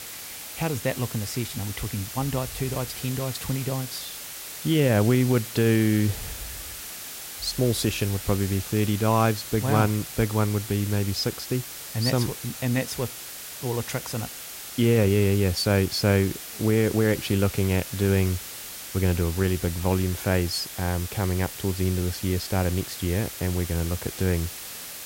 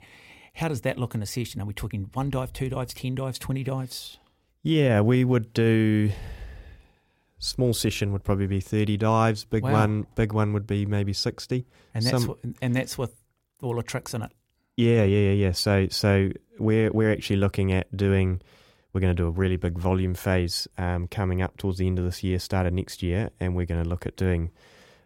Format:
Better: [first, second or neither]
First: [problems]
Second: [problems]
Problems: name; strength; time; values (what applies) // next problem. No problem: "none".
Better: second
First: hiss; loud; throughout; 9 dB below the speech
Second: none